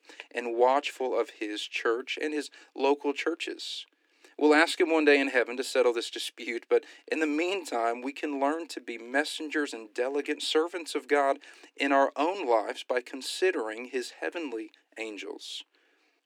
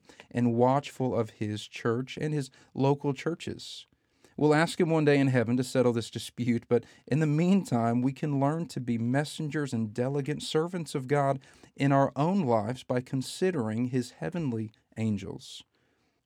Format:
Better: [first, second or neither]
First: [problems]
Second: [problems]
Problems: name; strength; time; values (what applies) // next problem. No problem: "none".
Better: second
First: thin; somewhat; fading below 300 Hz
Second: none